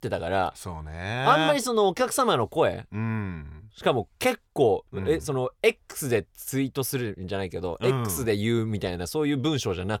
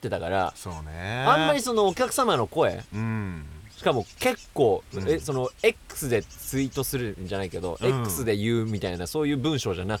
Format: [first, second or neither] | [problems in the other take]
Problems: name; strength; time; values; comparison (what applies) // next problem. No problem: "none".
first | wind noise on the microphone; occasional gusts; 25 dB below the speech